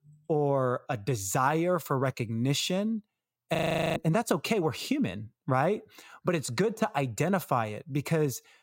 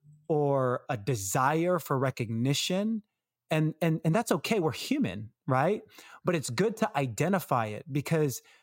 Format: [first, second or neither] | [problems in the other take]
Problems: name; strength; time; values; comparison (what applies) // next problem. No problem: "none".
second | audio freezing; at 3.5 s